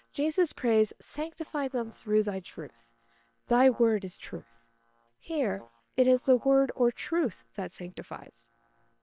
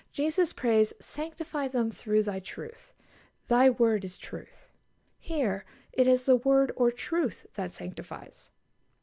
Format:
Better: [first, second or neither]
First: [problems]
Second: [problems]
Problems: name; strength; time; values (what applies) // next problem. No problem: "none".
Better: second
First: noise reduction (neural separator model SepFormer WHAM!)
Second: none